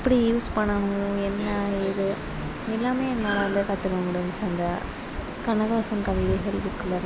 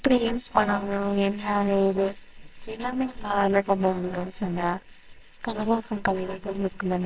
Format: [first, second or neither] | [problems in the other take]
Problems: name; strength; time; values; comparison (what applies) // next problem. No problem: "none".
first | noise reduction (neural separator model SepFormer WHAMR!)